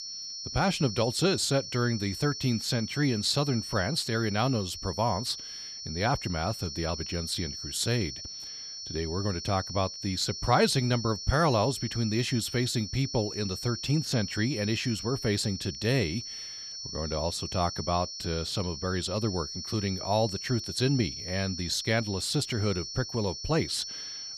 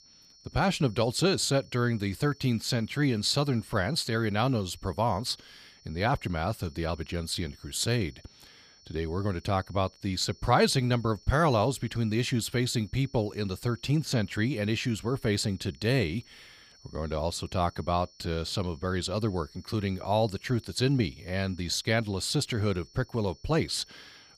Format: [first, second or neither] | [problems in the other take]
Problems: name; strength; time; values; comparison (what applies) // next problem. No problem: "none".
second | high-pitched whine; loud; throughout; 5.5 kHz, 7 dB below the speech; faint in the second